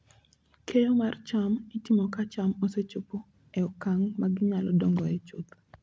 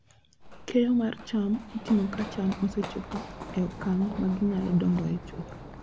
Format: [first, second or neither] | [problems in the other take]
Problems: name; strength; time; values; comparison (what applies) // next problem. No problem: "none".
first | background sound (Run); 13 dB below the speech